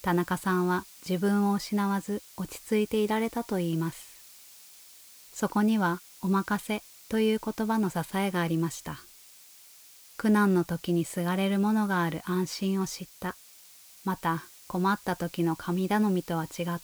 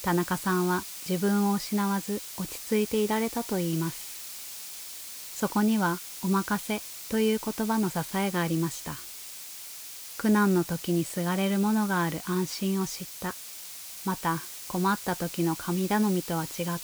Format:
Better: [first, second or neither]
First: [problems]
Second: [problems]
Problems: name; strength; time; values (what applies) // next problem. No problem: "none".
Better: first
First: hiss; faint; throughout; 20 dB below the speech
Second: hiss; loud; throughout; 9 dB below the speech